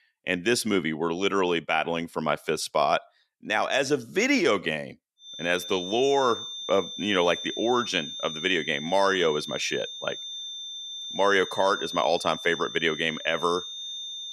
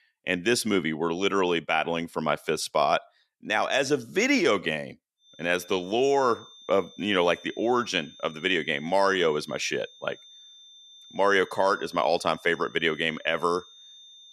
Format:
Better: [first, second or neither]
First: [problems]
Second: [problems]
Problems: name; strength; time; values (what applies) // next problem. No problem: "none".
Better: second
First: high-pitched whine; loud; from 5.5 s on; 3.5 kHz, 8 dB below the speech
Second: high-pitched whine; faint; from 5.5 s on; 3.5 kHz, 20 dB below the speech